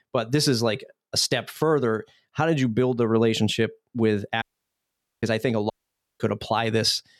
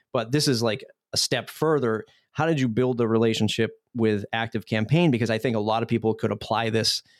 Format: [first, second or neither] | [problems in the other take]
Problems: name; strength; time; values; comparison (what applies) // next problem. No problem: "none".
second | audio cutting out; at 4.5 s for 1 s and at 5.5 s for 0.5 s